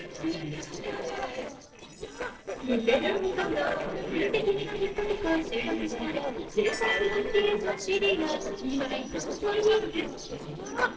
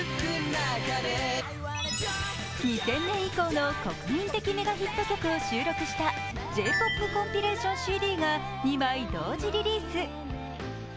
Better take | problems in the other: second | noise reduction (neural separator model SepFormer DNS4)

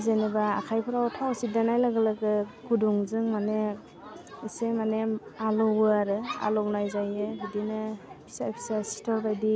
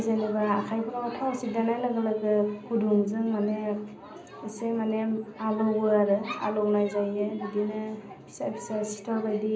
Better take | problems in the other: first | room echo; dies away in 0.5 s

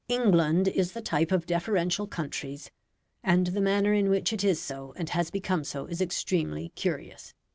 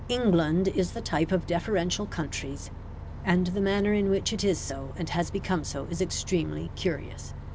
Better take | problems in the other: first | background sound (Bus); 10 dB below the speech

